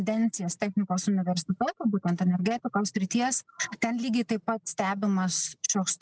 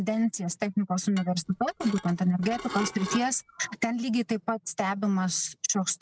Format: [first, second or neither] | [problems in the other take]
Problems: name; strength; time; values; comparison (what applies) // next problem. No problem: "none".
first | background sound (Dishes, pots, and pans / Glass); 12 dB below the speech